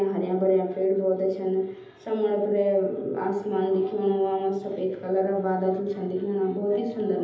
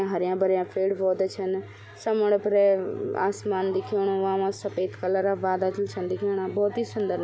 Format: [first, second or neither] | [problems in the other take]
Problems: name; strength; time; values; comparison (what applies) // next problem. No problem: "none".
second | room echo; dies away in 0.9 s